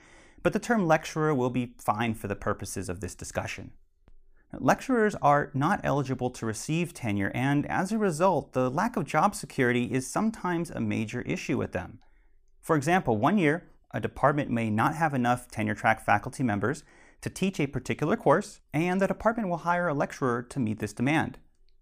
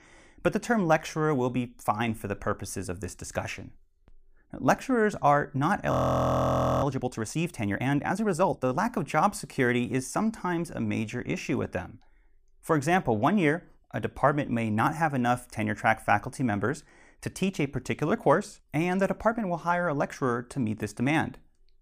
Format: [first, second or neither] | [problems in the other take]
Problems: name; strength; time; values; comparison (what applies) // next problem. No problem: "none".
first | audio freezing; at 6 s for 1 s